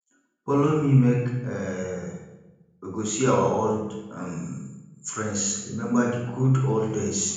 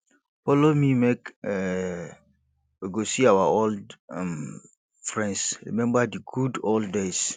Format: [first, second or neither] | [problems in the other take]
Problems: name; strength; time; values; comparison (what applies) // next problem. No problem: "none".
second | room echo; dies away in 0.9 s